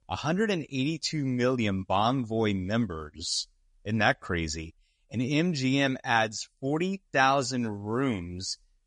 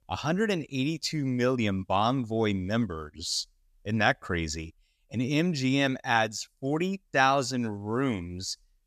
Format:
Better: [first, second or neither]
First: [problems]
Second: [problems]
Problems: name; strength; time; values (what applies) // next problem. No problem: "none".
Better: second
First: garbled, watery; slightly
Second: none